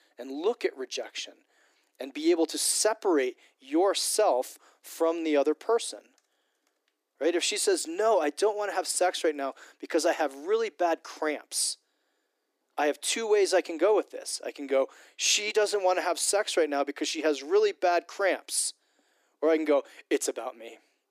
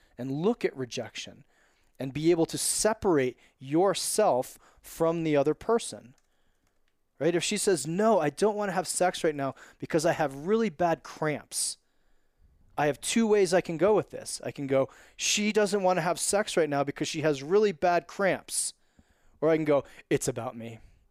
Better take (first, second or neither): second